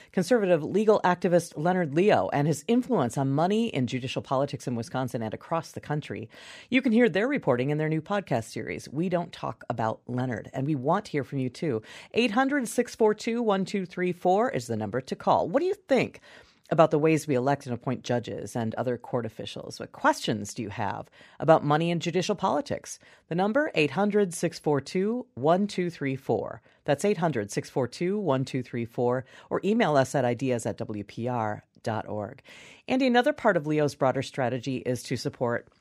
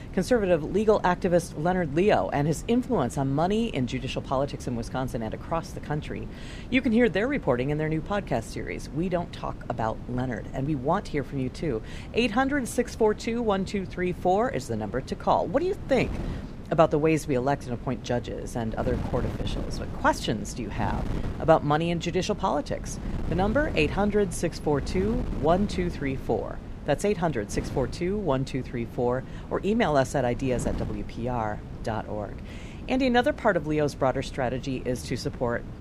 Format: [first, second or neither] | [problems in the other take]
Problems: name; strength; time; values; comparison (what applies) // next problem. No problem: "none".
first | wind noise on the microphone; occasional gusts; 15 dB below the speech